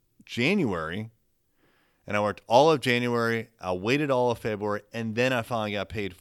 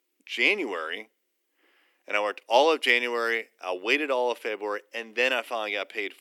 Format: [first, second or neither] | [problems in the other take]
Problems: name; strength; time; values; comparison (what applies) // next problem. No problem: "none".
first | thin; somewhat; fading below 300 Hz